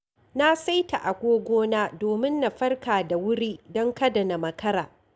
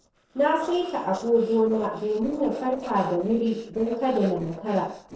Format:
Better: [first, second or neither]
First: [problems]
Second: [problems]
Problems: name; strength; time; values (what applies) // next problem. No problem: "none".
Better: first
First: none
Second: noise reduction (neural separator model SepFormer DNS4)